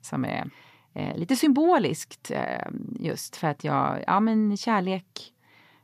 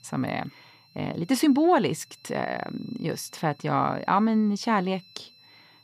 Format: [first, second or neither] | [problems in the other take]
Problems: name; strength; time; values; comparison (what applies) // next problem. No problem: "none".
first | high-pitched whine; faint; throughout; 4 kHz, 25 dB below the speech